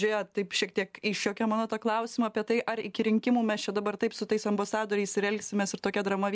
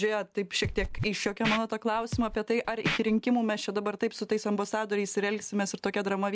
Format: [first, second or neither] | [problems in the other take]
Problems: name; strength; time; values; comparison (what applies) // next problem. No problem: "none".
first | background sound (Scratching (performance technique)); 6 dB below the speech